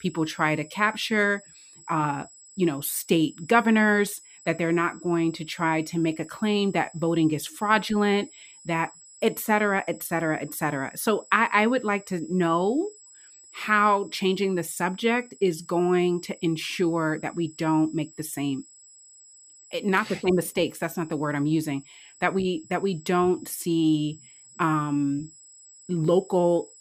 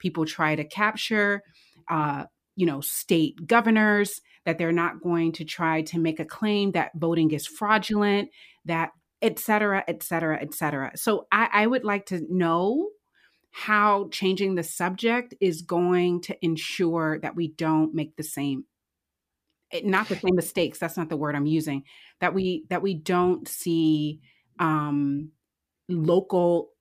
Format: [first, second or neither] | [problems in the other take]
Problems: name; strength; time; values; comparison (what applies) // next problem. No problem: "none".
second | high-pitched whine; faint; throughout; 8 kHz, 25 dB below the speech